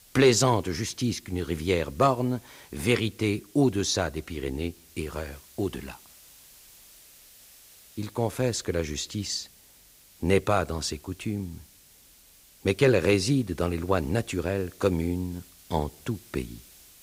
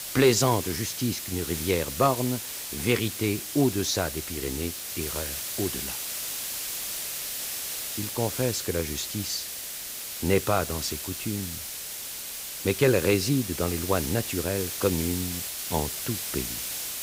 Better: first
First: hiss; faint; throughout; 25 dB below the speech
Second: hiss; loud; throughout; 4 dB below the speech

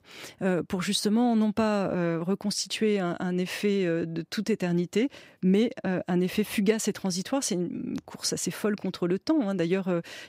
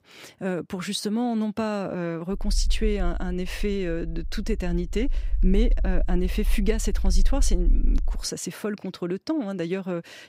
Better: first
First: none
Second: low rumble; faint; from 2.5 to 8 s; 25 dB below the speech

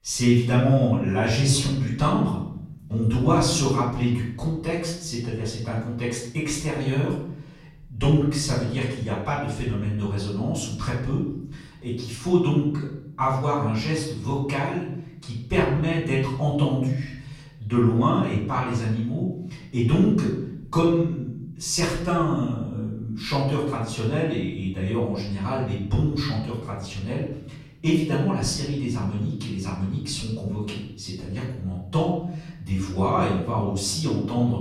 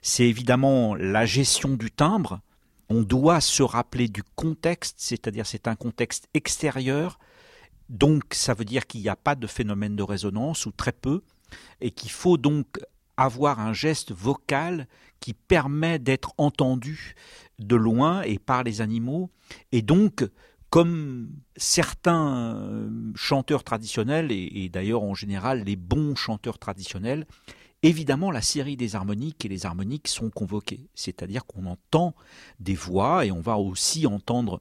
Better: second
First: off-mic speech; far // room echo; noticeable; dies away in 0.8 s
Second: none

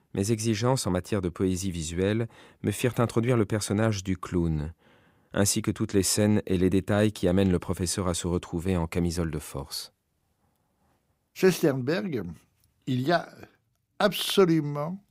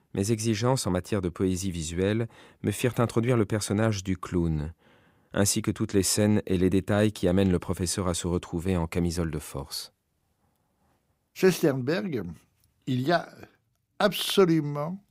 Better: neither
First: none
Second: none

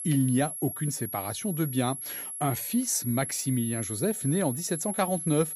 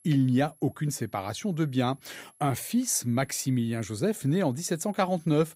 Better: second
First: high-pitched whine; loud; throughout; 11 kHz, 5 dB below the speech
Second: high-pitched whine; faint; throughout; 11 kHz, 30 dB below the speech

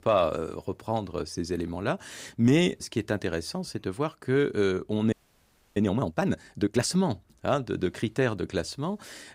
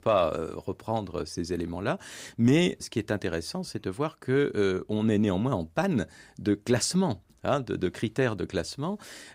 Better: second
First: audio freezing; at 5 s for 0.5 s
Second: none

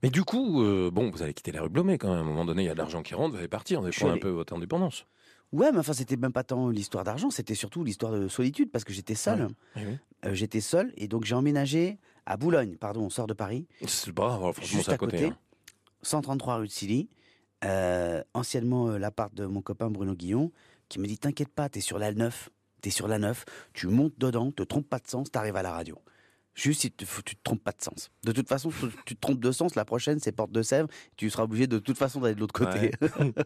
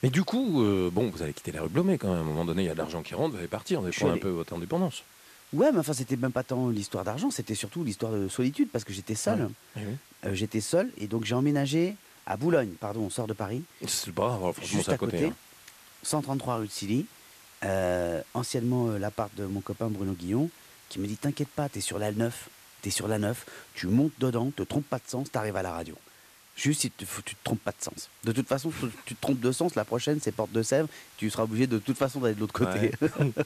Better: first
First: none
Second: hiss; faint; throughout; 20 dB below the speech

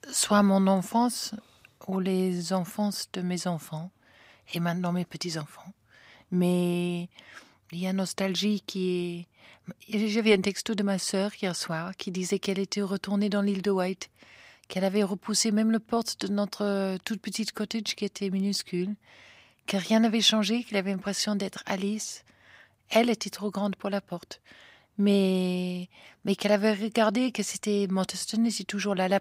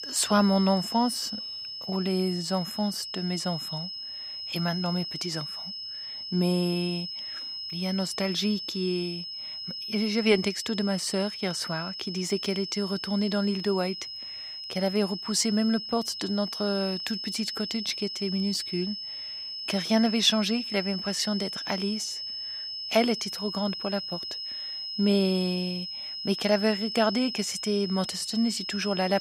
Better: first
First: none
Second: high-pitched whine; loud; throughout; 5 kHz, 5 dB below the speech

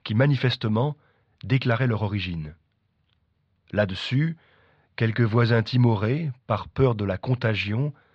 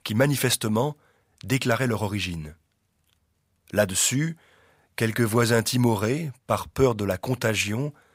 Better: second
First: muffled; slightly; fading above 4 kHz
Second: none

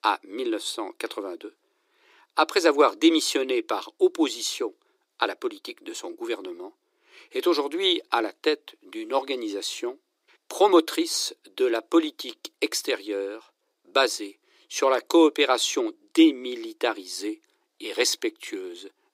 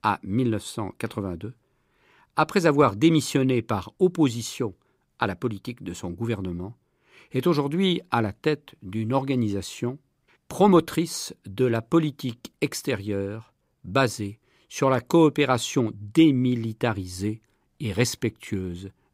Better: second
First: thin; very; fading below 300 Hz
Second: none

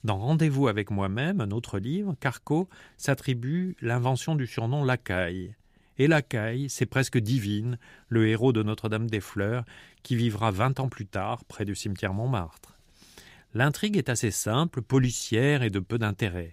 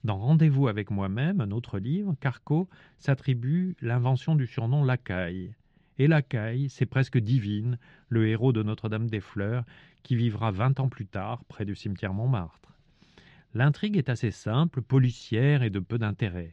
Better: first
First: none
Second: muffled; slightly; fading above 4 kHz

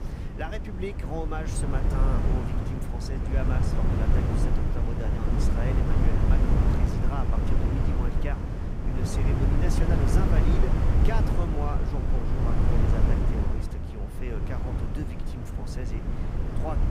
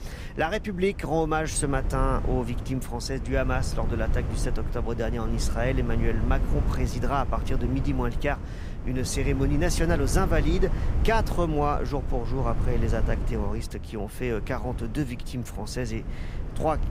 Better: second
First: wind noise on the microphone; heavy; 2 dB above the speech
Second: wind noise on the microphone; occasional gusts; 10 dB below the speech

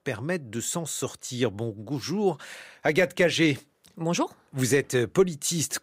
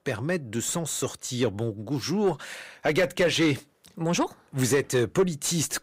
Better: first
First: none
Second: distortion; slight; 10 dB below the speech

